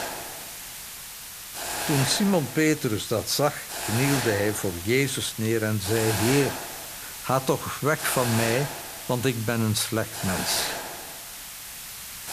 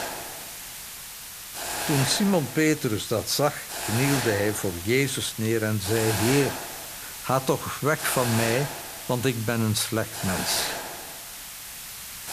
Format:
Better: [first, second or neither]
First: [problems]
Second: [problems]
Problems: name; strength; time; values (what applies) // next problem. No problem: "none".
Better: neither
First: hiss; loud; throughout; 6 dB below the speech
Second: hiss; loud; throughout; 6 dB below the speech